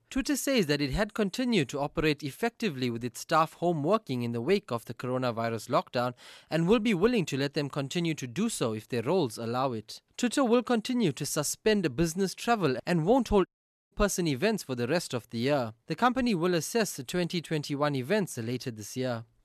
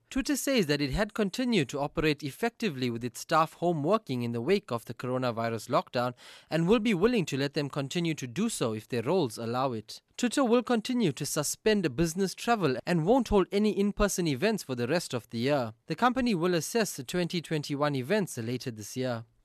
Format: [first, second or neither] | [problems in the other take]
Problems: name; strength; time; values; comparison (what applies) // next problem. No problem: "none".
second | audio cutting out; at 13 s